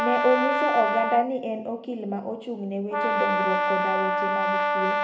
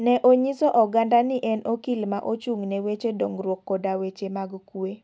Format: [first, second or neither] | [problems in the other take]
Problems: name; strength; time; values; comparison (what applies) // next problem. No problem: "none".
second | background sound (Brass instrument); 2 dB above the speech // room echo; dies away in 0.9 s